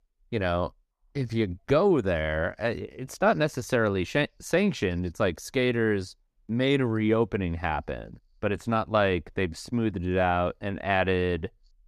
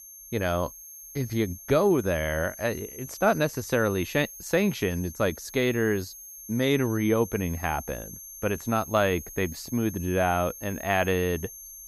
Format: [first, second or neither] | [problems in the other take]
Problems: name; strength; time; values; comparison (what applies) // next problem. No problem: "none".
first | high-pitched whine; noticeable; throughout; 6.5 kHz, 15 dB below the speech